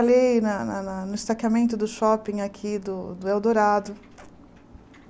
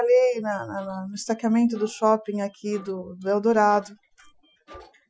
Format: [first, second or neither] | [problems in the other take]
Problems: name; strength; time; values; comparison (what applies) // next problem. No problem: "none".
first | noise reduction (classical method Wiener filter)